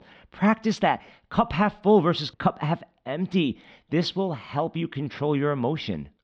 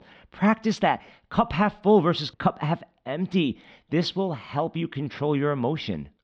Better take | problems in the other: neither | muffled; slightly; fading above 4 kHz; the same in both

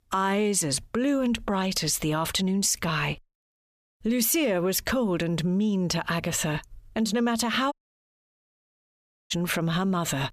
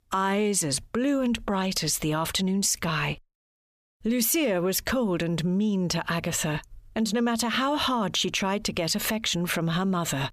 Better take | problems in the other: second | audio cutting out; at 7.5 s for 1.5 s

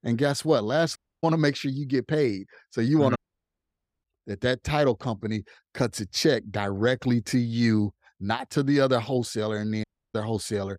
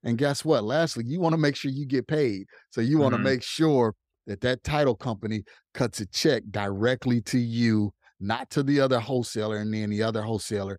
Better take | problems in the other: second | audio cutting out; at 1 s, at 3 s for 1 s and at 10 s

